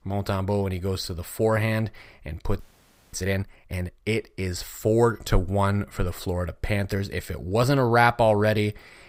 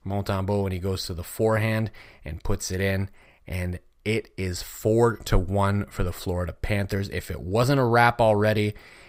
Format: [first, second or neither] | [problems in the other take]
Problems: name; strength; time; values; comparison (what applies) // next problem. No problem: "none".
second | audio freezing; at 2.5 s for 0.5 s